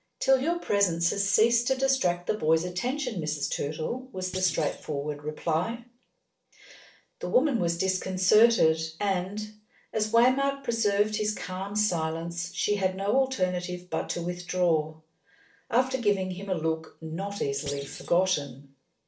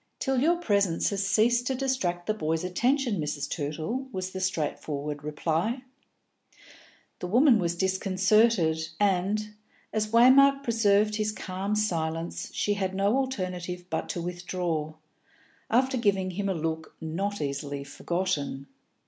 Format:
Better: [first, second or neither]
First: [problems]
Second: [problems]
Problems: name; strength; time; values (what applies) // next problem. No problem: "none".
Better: second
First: noise reduction (neural separator model SepFormer DNS4)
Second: none